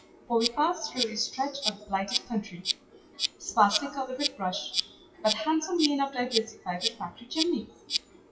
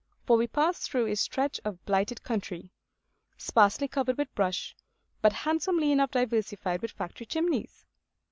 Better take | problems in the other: second | noise reduction (classical method WPE with log-MMSE)

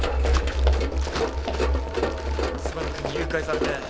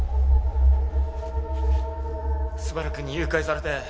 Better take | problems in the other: second | background sound (Run); 3 dB below the speech

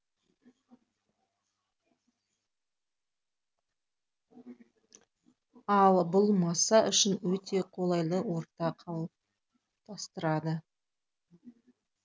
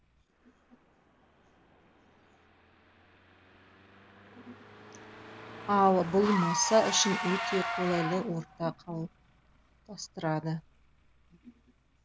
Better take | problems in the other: first | background sound (Engine / Car); 7 dB below the speech

